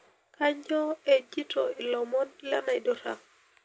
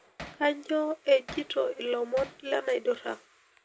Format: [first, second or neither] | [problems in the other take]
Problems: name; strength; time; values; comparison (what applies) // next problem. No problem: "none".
first | background sound (Hammer); 15 dB below the speech